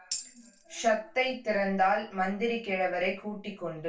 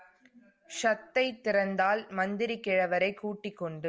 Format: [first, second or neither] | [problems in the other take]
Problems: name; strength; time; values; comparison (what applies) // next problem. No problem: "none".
second | background sound (Tambourine); 12 dB below the speech // room echo; dies away in 0.2 s